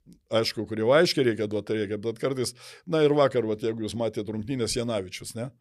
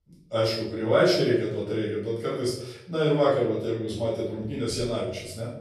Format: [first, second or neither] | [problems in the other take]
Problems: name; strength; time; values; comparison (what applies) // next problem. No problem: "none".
first | off-mic speech; far // room echo; noticeable; dies away in 0.6 s